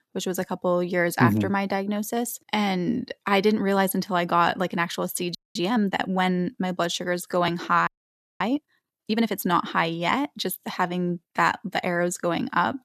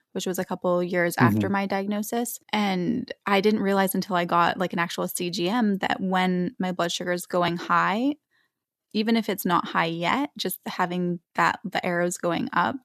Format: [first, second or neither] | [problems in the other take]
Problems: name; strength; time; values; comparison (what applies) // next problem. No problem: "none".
second | audio freezing; at 5.5 s and at 8 s for 0.5 s